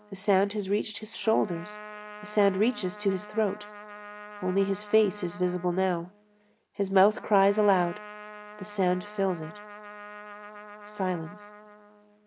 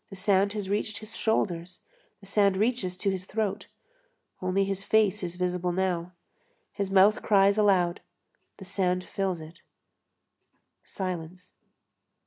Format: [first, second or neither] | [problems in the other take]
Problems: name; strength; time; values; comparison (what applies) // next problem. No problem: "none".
second | background sound (Trumpet); 16 dB below the speech